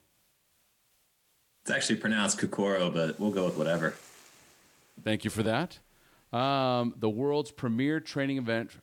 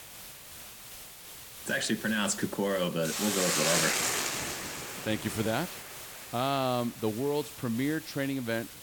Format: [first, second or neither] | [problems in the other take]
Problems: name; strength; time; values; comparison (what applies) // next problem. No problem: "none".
first | hiss; loud; throughout; 3 dB below the speech; faint in the first